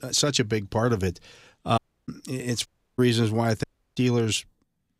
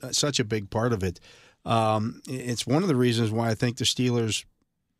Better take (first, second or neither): second